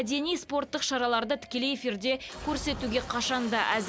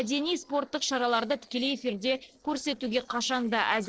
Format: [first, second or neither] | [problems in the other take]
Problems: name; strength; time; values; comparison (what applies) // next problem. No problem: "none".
first | noise reduction (neural separator model SepFormer DNS4)